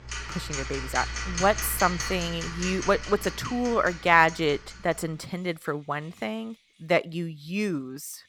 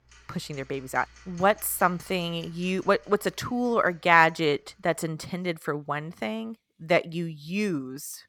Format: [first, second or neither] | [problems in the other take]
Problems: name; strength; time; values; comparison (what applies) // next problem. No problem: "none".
second | household noises; loud; throughout; 7 dB below the speech; faint in the second